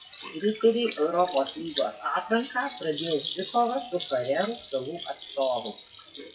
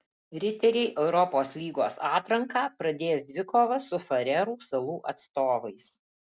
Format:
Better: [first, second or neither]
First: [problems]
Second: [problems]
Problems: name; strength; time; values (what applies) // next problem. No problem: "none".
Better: second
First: noise reduction (classical method WPE with log-MMSE)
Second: none